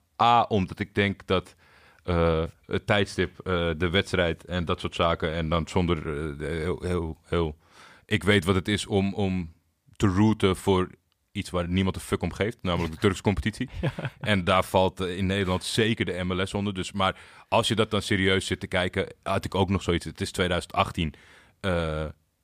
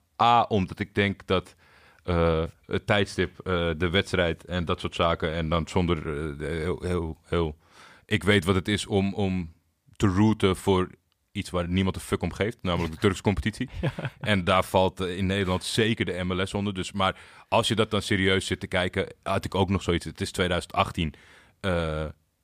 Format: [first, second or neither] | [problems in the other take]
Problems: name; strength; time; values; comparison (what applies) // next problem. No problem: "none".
neither | none